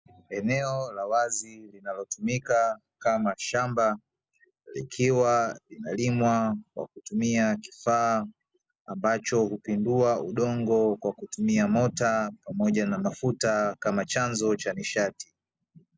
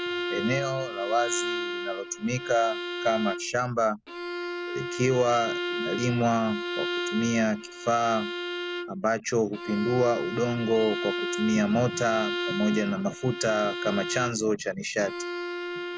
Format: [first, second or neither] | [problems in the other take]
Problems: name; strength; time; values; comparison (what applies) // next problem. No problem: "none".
first | background sound (Bowed string instrument); 6 dB below the speech